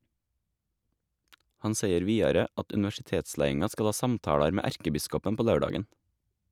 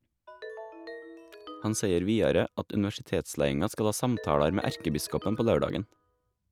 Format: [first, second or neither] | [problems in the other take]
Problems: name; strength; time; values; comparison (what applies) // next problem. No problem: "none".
first | background sound (Ringtone); 17 dB below the speech